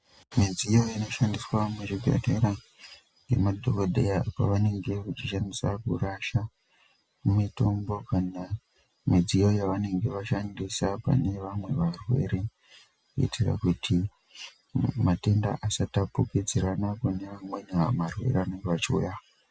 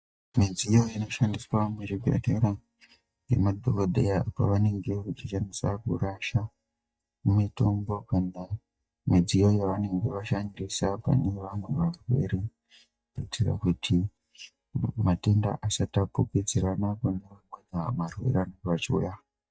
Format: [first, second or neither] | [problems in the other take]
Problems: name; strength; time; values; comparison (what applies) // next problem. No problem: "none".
first | noise reduction (neural mask model DeepFilterNet 3)